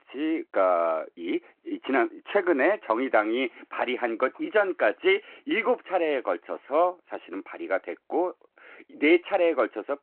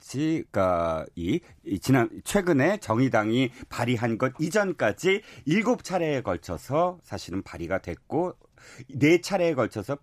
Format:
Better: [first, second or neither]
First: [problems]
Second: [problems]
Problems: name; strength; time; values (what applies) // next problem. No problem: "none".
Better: second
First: phone-call audio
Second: none